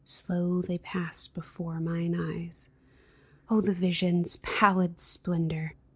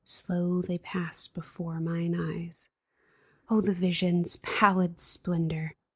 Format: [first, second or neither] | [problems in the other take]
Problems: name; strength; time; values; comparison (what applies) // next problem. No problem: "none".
first | noise reduction (neural mask model Resemble Enhance denoiser)